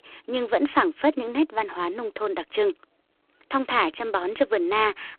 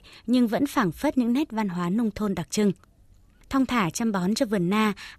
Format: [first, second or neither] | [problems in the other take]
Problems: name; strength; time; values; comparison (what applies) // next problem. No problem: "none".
second | phone-call audio; poor line